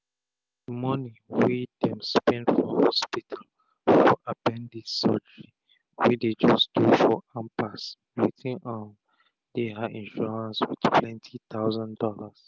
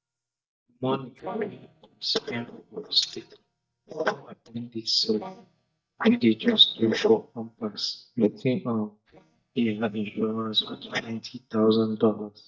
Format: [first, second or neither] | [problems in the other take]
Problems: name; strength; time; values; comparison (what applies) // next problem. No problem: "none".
first | noise reduction (neural mask model DeepFilterNet 3)